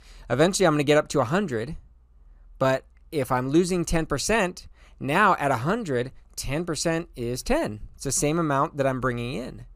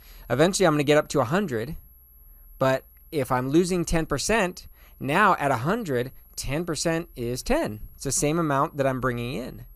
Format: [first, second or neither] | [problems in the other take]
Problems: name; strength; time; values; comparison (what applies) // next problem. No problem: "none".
first | high-pitched whine; faint; throughout; 11.5 kHz, 30 dB below the speech